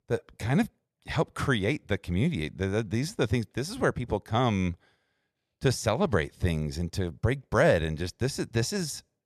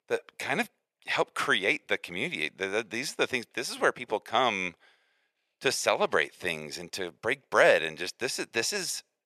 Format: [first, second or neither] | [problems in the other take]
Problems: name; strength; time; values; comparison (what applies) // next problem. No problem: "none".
first | thin; very; fading below 500 Hz